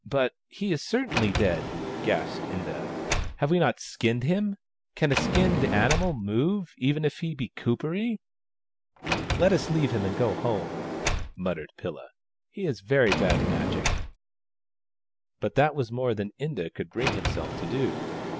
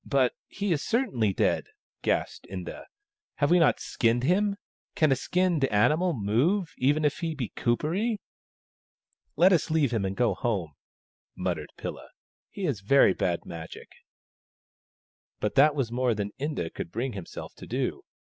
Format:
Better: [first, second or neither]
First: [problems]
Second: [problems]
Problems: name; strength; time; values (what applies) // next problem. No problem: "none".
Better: second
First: background sound (Sliding door); 4 dB below the speech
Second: none